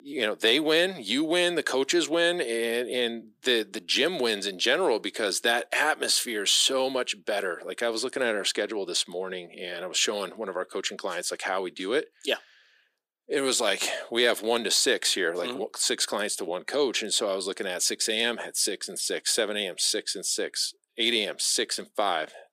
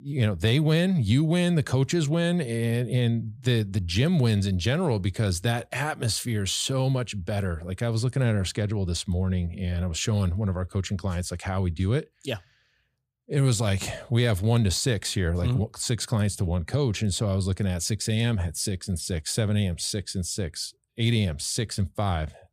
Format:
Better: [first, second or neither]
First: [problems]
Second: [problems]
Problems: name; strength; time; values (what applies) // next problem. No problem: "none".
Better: second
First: thin; very; fading below 300 Hz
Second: none